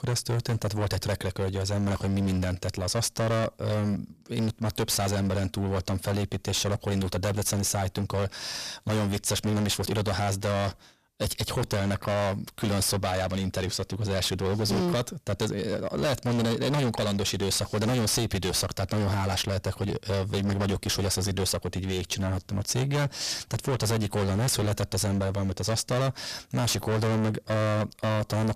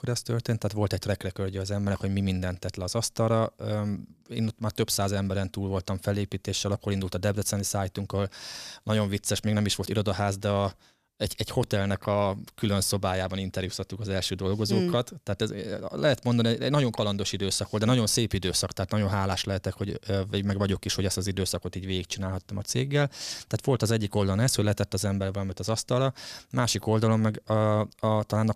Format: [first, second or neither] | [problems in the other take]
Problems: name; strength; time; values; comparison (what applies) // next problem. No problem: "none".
second | distortion; heavy; 23% of the sound clipped